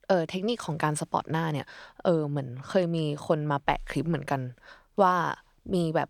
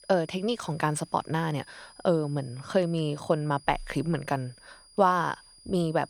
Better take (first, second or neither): first